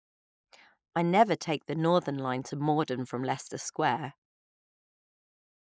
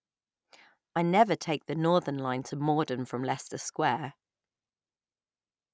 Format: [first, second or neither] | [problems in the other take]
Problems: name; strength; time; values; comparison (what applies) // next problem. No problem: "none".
second | noise reduction (neural mask model Resemble Enhance denoiser)